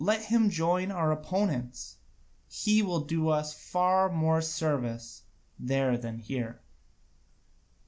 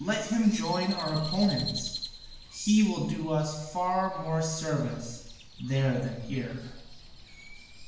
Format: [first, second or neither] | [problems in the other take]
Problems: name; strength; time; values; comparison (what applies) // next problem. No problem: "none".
first | background sound (Crow); 14 dB below the speech // room echo; dies away in 0.8 s